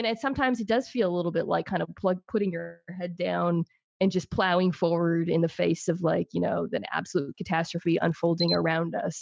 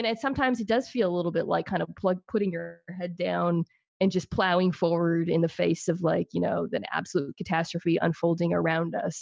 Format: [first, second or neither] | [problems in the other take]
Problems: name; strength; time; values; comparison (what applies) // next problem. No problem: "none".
second | noise reduction (neural mask model RNNoise)